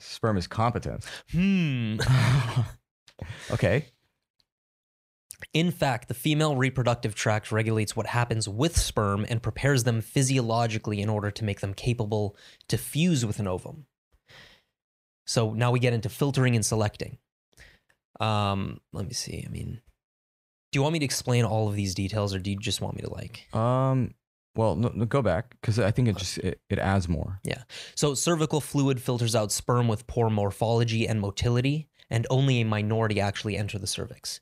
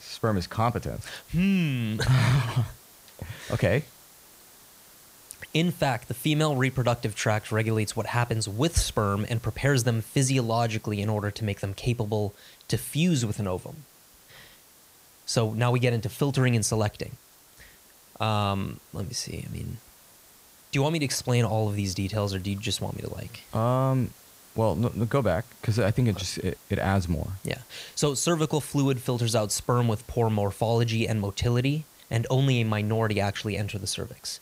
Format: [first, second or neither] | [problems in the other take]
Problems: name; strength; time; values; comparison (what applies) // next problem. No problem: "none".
first | hiss; faint; throughout; 25 dB below the speech